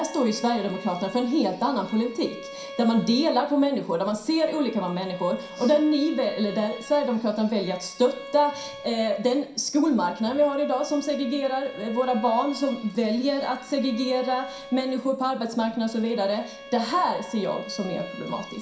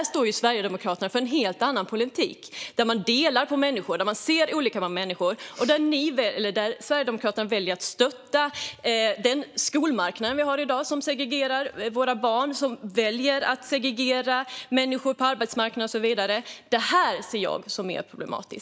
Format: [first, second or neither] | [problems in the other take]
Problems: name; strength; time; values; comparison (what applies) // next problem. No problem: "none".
second | background sound (Bowed string instrument); 17 dB below the speech // room echo; dies away in 0.5 s